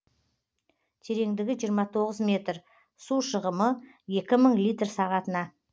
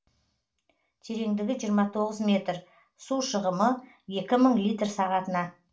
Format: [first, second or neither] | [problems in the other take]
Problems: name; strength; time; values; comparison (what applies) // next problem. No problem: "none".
first | room echo; dies away in 0.3 s